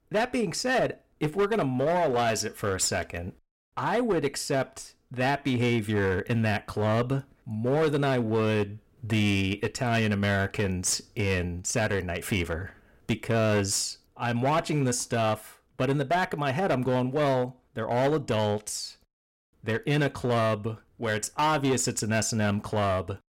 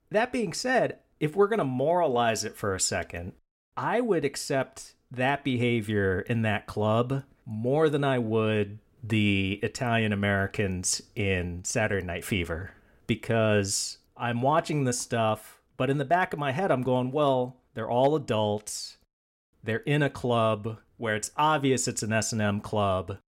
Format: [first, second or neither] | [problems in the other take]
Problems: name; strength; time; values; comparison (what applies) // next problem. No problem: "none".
second | distortion; slight; 9% of the sound clipped